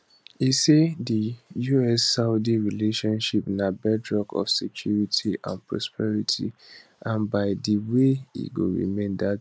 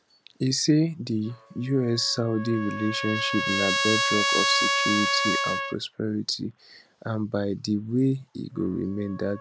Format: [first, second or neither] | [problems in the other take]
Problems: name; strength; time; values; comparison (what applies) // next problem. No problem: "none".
first | background sound (Trumpet); 3 dB below the speech